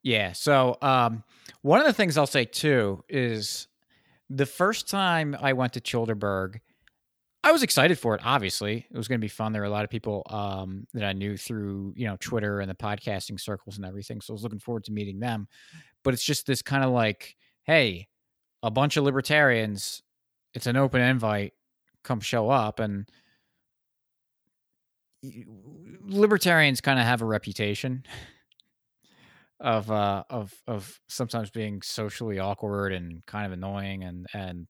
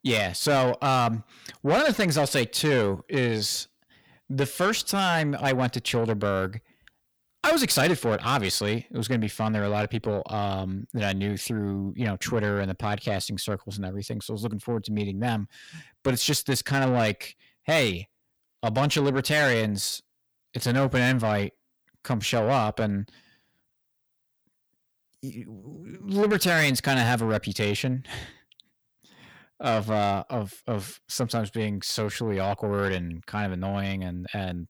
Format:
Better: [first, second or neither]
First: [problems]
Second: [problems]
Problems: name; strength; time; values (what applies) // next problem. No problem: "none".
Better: first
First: none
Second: distortion; heavy; 8 dB below the speech